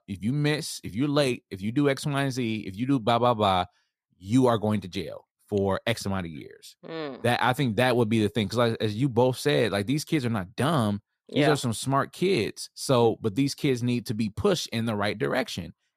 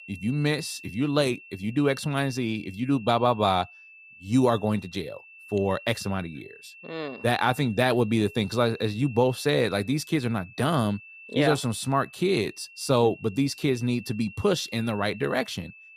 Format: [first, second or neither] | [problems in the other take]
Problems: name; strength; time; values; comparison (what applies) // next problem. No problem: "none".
first | high-pitched whine; noticeable; throughout; 2.5 kHz, 20 dB below the speech